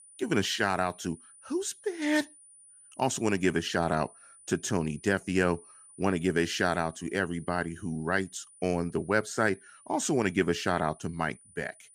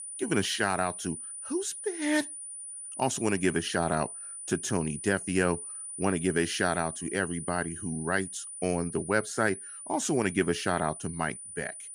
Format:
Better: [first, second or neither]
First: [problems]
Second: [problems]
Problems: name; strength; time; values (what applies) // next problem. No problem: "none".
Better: first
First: high-pitched whine; faint; throughout; 9.5 kHz, 25 dB below the speech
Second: high-pitched whine; loud; throughout; 9.5 kHz, 8 dB below the speech